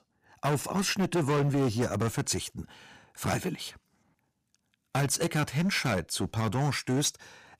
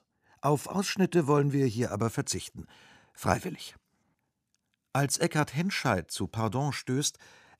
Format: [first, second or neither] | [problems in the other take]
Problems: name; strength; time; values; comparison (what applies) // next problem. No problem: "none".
second | distortion; heavy; 11% of the sound clipped